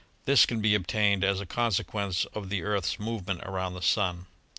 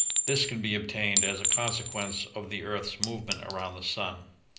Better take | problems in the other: first | background sound (Chink, clink); 1 dB above the speech // room echo; dies away in 0.5 s

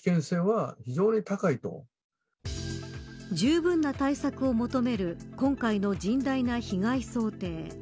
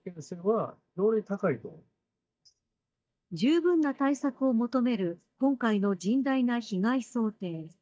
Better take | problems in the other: first | noise reduction (neural mask model DeepFilterNet 3)

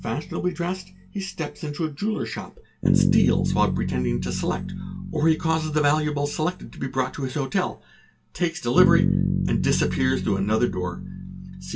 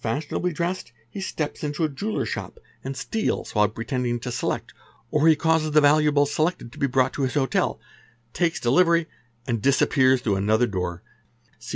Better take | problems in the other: second | background sound (Bass guitar); 2 dB below the speech // room echo; dies away in 0.2 s

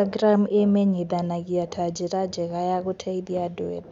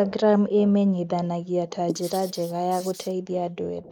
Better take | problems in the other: first | noise reduction (neural mask model Resemble Enhance denoiser)

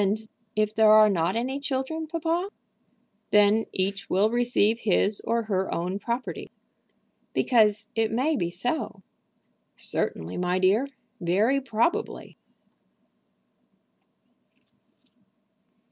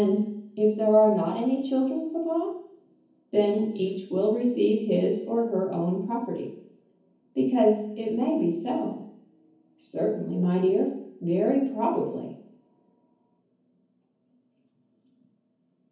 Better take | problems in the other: first | room echo; dies away in 0.7 s

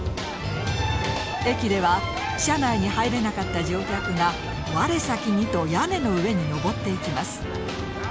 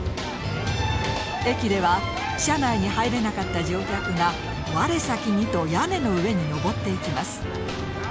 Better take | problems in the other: first | background sound (Aircraft); 16 dB below the speech

